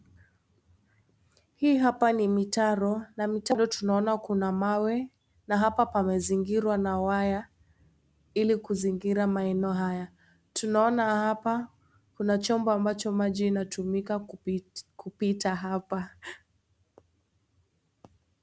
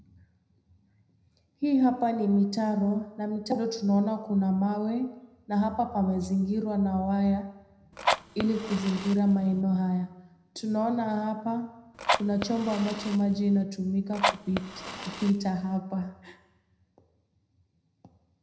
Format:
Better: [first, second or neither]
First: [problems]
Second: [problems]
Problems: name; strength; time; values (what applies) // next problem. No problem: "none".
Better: first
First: none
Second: background sound (Fire); 5 dB below the speech // room echo; dies away in 0.8 s